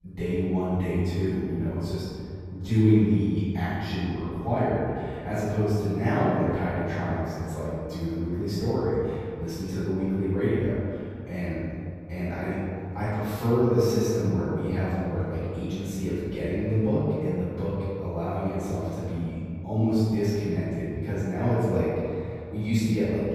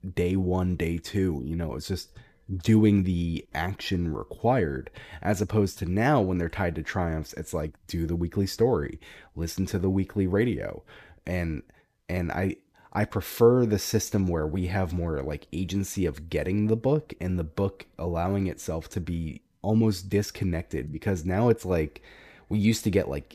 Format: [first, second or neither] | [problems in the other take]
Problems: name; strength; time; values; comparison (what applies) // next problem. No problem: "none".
second | off-mic speech; far // room echo; strong; dies away in 2.3 s